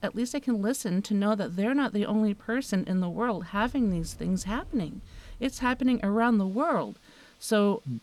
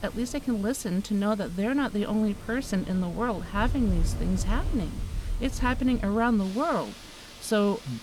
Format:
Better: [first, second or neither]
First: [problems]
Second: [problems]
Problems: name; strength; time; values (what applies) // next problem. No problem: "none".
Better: first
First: wind in the background; faint; throughout; 25 dB below the speech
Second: wind in the background; loud; throughout; 9 dB below the speech